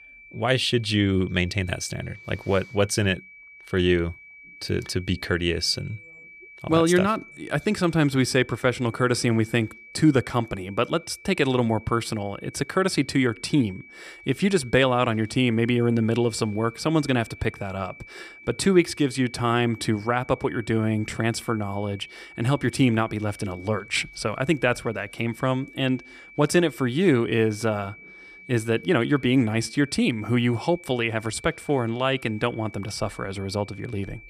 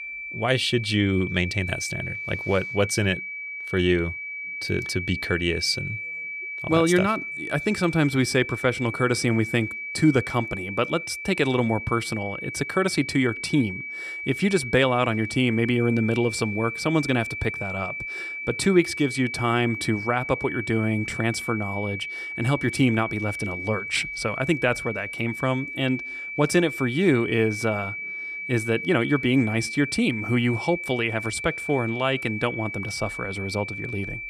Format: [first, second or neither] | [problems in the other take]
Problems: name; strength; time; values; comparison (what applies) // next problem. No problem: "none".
first | high-pitched whine; loud; throughout; 2.5 kHz, 6 dB below the speech; faint in the first